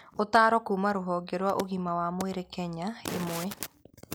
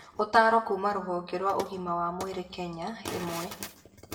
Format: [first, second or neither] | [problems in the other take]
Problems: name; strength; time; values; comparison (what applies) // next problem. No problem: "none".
first | room echo; dies away in 0.6 s